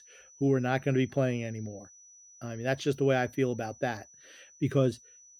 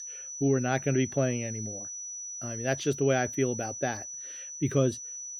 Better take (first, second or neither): first